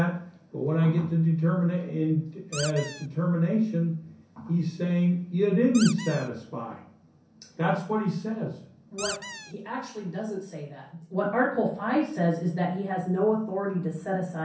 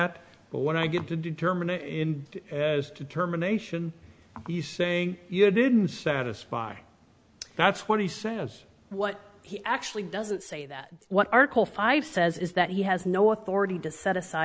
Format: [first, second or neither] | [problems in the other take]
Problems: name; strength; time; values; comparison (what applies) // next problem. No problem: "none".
second | background sound (Squeak); 10 dB below the speech // room echo; dies away in 0.6 s